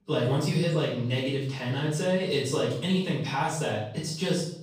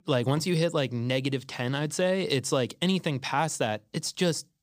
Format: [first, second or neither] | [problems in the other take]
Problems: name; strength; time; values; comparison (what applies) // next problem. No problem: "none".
second | room echo; noticeable; dies away in 0.6 s // off-mic speech; far